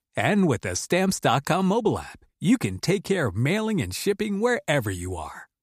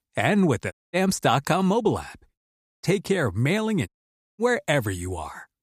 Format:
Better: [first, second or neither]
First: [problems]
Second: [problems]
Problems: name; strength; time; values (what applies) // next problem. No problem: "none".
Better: first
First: none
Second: audio cutting out; at 0.5 s, at 2.5 s and at 4 s for 0.5 s